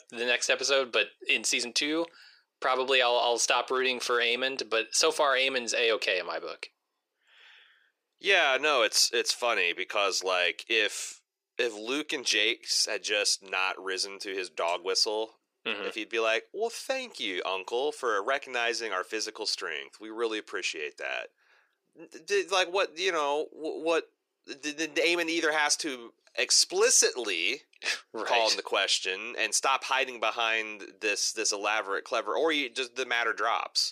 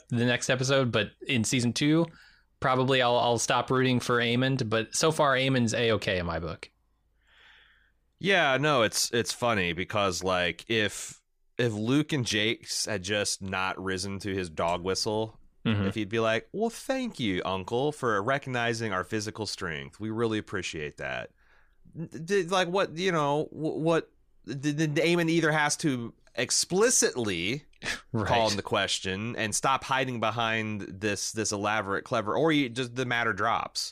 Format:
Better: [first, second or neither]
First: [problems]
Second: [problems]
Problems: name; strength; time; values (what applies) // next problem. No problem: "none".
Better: second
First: thin; very; fading below 400 Hz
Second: none